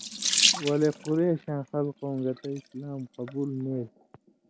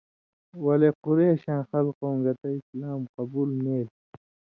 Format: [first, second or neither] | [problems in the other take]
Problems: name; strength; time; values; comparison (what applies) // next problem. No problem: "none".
second | background sound (Sink (filling or washing) / Water tap, faucet); 2 dB below the speech